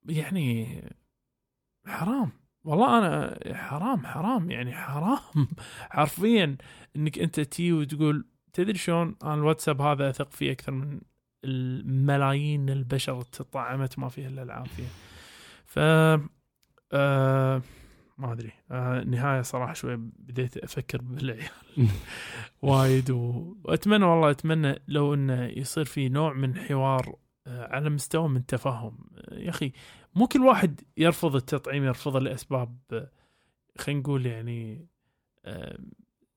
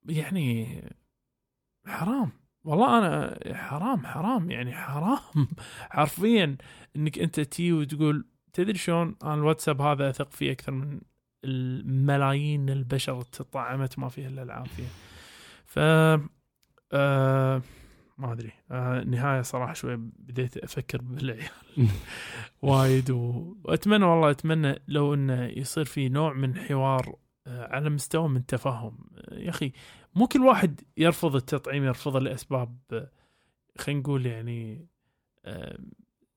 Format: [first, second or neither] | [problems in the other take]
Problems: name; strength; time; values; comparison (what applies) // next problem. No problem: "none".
neither | none